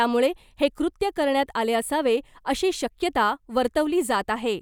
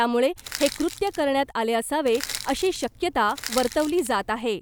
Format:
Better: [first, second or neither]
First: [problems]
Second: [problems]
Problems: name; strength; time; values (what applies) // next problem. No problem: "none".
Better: first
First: none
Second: background sound (Crushing); 12 dB below the speech